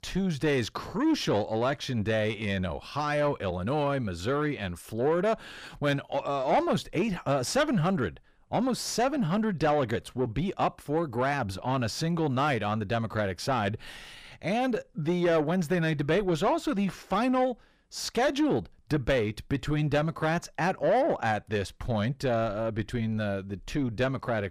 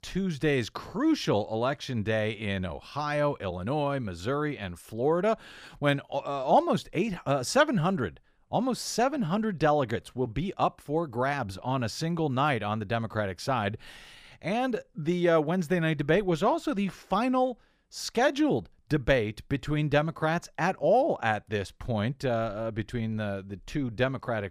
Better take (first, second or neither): second